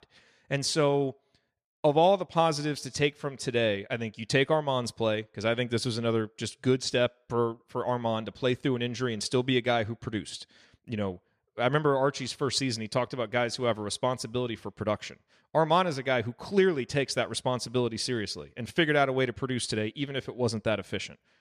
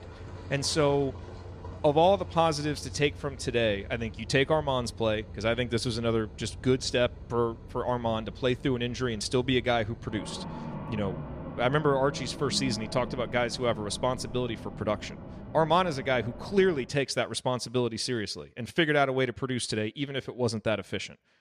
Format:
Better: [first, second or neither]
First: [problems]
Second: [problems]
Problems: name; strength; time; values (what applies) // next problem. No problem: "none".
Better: first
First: none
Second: traffic noise; noticeable; until 17 s; 15 dB below the speech